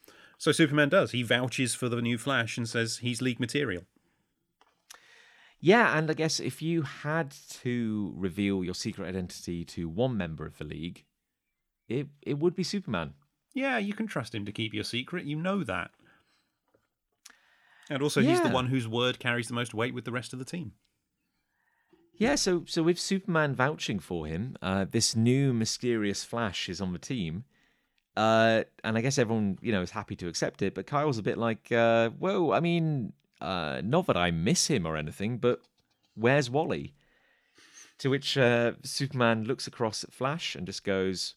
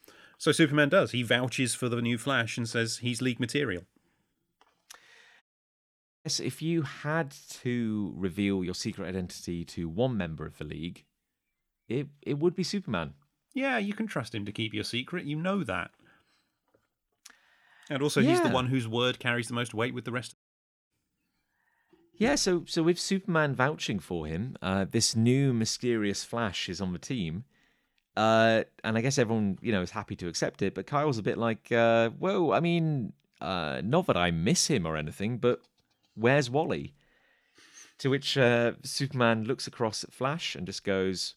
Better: first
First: none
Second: audio cutting out; at 5.5 s for 1 s and at 20 s for 0.5 s

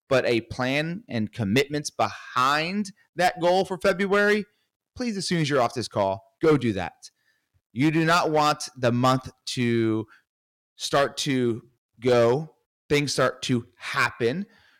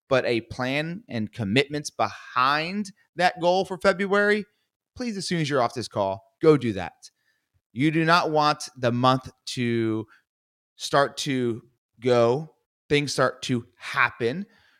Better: second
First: distortion; slight; 3% of the sound clipped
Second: none

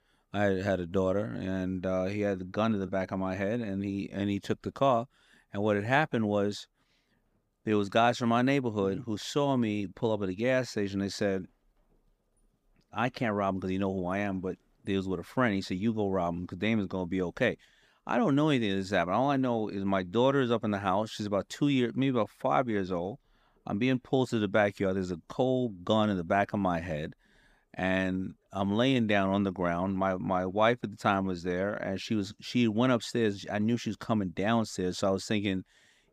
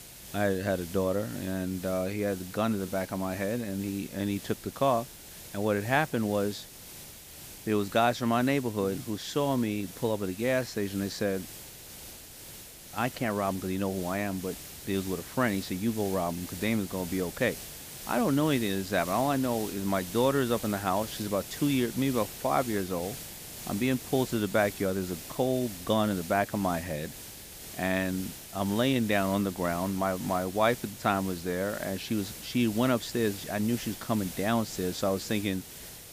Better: first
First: none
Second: hiss; noticeable; throughout; 10 dB below the speech

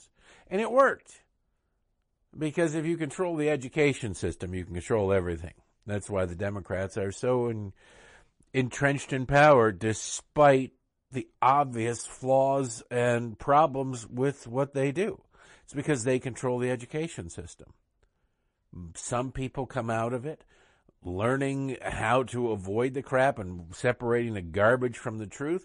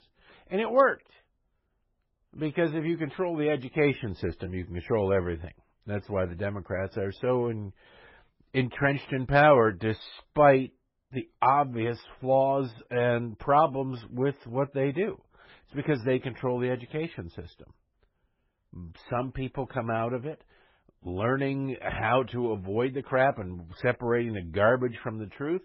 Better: first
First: garbled, watery; slightly; nothing above 10 kHz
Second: garbled, watery; badly; nothing above 5.5 kHz

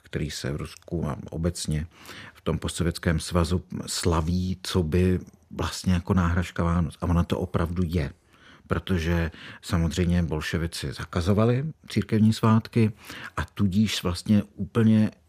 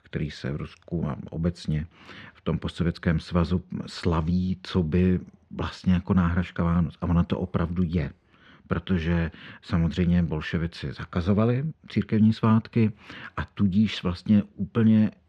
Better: first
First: none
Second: muffled; very slightly; fading above 3 kHz

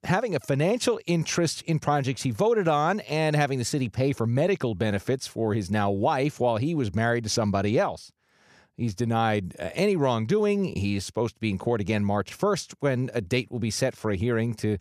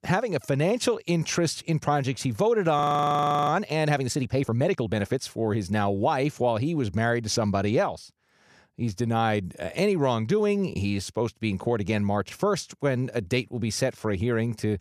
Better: first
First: none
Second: audio freezing; at 3 s for 0.5 s

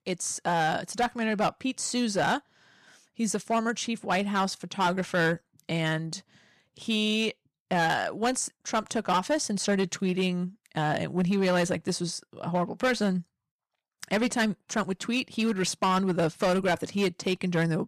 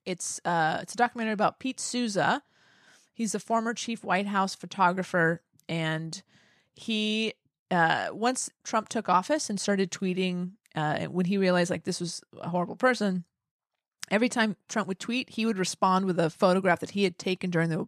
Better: second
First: distortion; slight; 7% of the sound clipped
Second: none

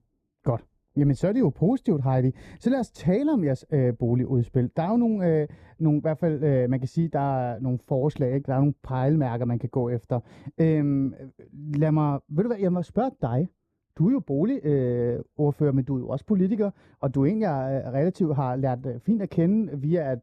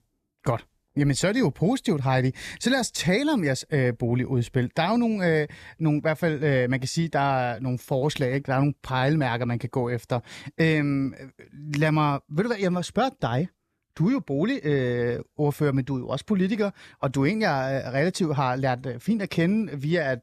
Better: second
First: muffled; very; fading above 1 kHz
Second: none

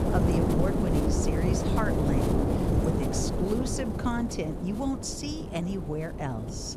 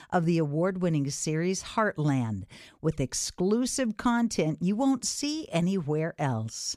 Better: second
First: wind noise on the microphone; heavy; 1 dB above the speech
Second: none

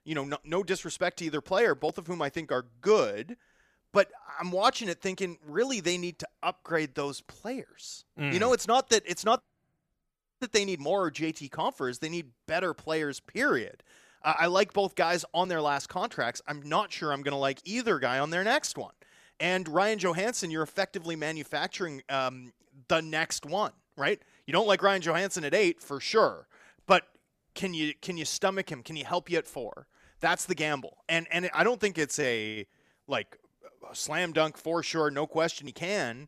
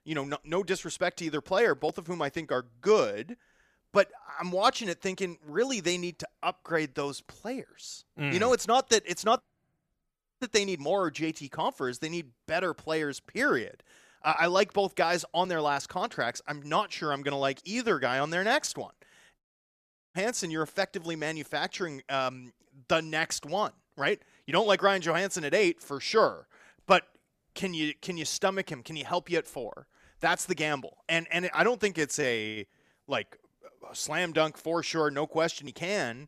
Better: first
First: none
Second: audio cutting out; at 19 s for 0.5 s

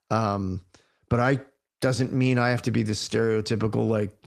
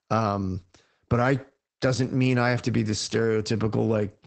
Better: first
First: garbled, watery; slightly; nothing above 14.5 kHz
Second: garbled, watery; badly; nothing above 8 kHz

